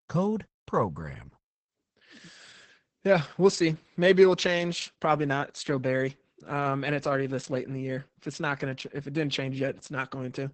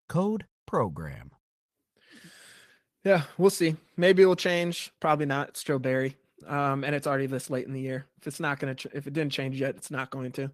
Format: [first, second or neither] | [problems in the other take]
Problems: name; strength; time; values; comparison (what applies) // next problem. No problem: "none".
second | garbled, watery; badly; nothing above 8 kHz; slightly in the second